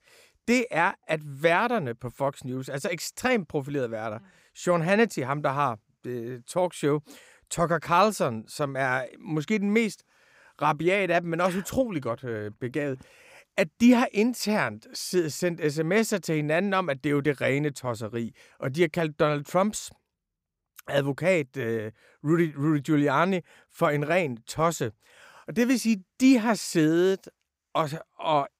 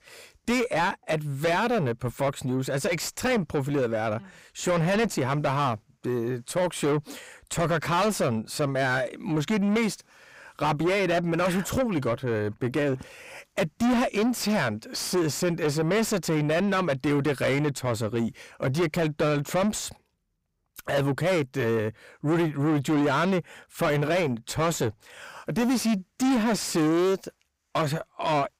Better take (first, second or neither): first